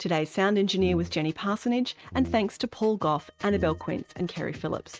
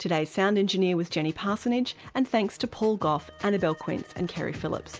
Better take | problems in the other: second | noise reduction (neural mask model RNNoise)

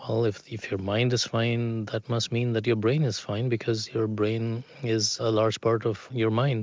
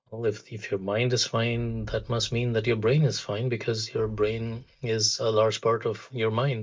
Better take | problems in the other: first | noise reduction (neural mask model DeepFilterNet 3)

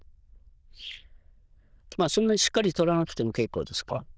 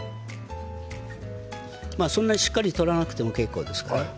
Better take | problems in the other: second | noise reduction (neural diffusion model UNIVERSE++)

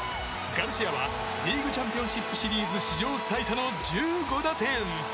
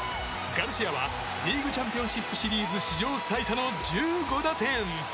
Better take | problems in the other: second | background sound (Brass instrument); 10 dB below the speech

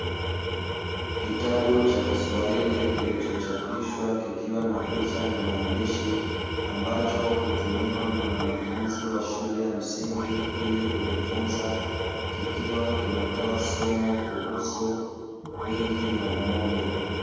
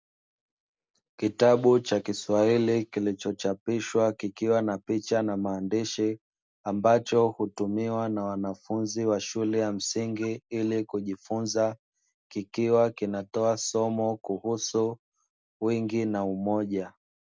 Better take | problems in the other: second | background sound (Tools); 2 dB below the speech // room echo; dies away in 2.1 s

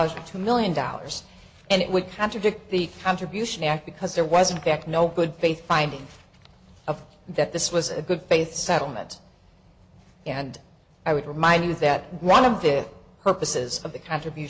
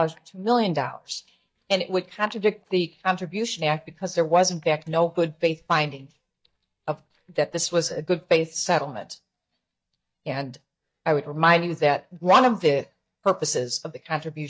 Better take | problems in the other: first | noise reduction (neural mask model DeepFilterNet 3)

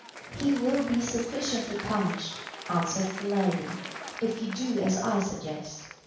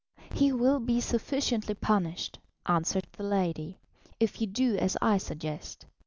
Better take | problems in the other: second | background sound (Applause); 12 dB below the speech // room echo; dies away in 0.7 s

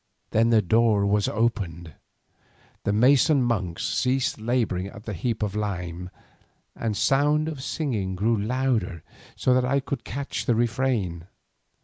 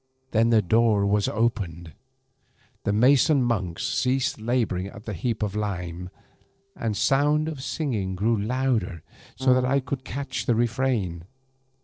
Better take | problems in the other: first | noise reduction (neural separator model SepFormer DNS4)

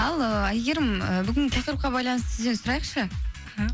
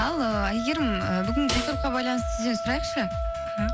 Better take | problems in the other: first | background sound (Snare drum + Wind instrument, woodwind instrument); 5 dB below the speech

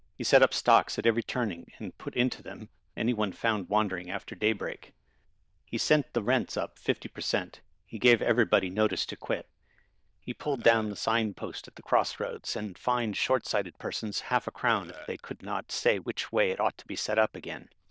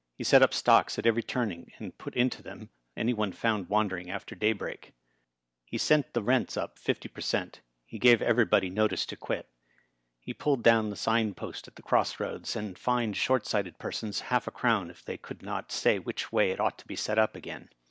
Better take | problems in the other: second | noise reduction (neural diffusion model UNIVERSE++)

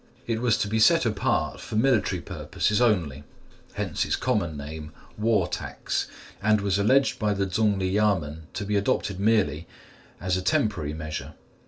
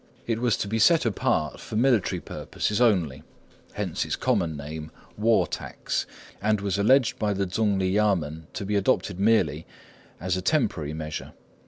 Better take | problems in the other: second | room echo; dies away in 0.2 s

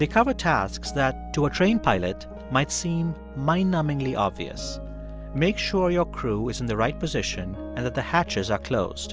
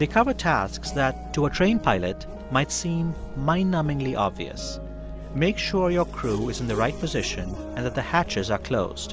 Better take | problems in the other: first | background sound (Race car, auto racing / Accelerating, revving, vroom); 15 dB below the speech

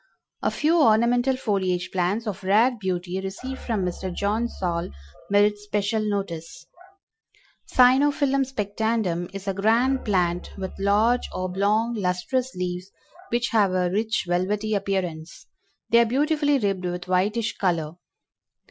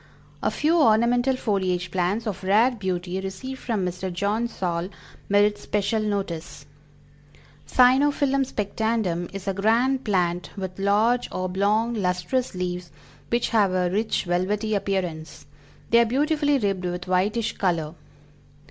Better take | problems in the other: second | noise reduction (classical method Wiener filter)

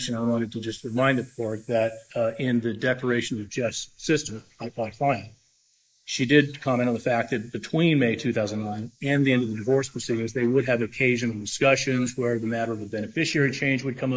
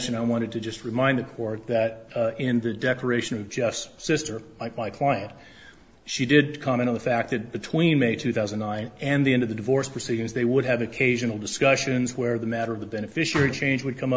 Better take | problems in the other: second | noise reduction (neural mask model Resemble Enhance denoiser)

